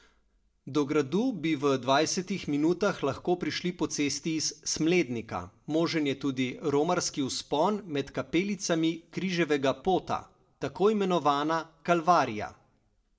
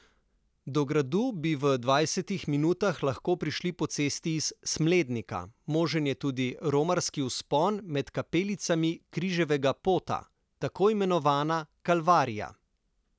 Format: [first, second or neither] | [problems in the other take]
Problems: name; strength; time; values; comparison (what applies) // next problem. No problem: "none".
second | room echo; dies away in 0.3 s